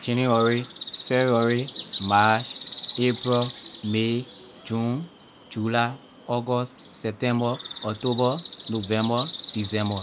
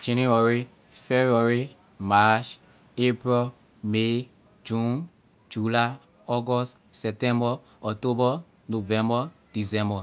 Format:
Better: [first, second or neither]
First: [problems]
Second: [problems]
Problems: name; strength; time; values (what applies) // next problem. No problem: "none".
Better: second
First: background sound (Bird); 14 dB below the speech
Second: none